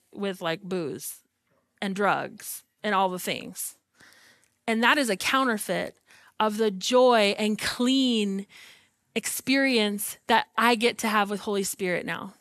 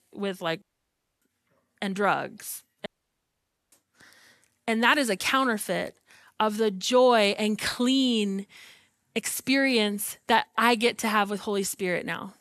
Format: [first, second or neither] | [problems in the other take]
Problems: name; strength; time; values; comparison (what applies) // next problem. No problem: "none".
first | audio cutting out; at 0.5 s for 0.5 s and at 3 s for 1 s